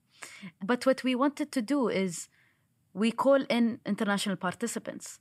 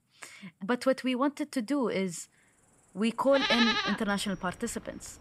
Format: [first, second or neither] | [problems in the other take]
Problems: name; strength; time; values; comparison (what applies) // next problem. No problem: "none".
first | animal sounds; very loud; throughout; 1 dB above the speech